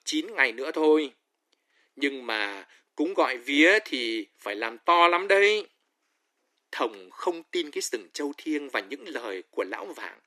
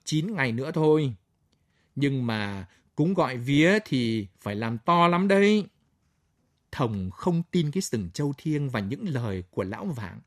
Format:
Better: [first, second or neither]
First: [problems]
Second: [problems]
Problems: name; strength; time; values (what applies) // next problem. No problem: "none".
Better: second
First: thin; somewhat; fading below 300 Hz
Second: none